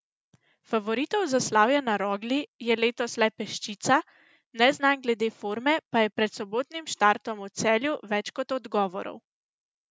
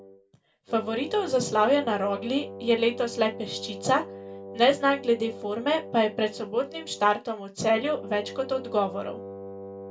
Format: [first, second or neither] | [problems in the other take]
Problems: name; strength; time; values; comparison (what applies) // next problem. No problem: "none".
first | background sound (Wind instrument, woodwind instrument); 13 dB below the speech // room echo; dies away in 0.2 s